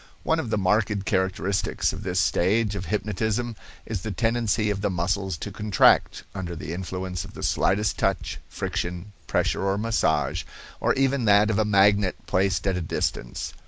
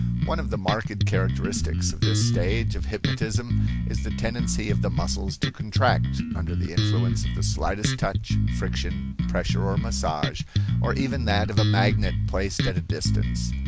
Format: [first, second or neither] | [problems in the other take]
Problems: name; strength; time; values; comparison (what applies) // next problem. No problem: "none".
first | background sound (Bass guitar); 5 dB above the speech